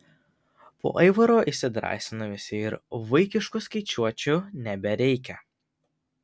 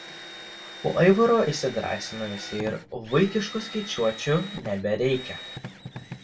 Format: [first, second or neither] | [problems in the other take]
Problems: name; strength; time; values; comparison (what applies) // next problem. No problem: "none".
first | background sound (Drill); 14 dB below the speech // room echo; dies away in 0.2 s